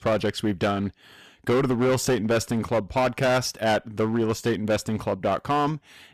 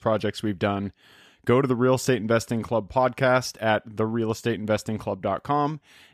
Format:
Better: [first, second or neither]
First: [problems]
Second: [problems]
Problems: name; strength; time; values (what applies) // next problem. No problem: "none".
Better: second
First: distortion; heavy; 11% of the sound clipped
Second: none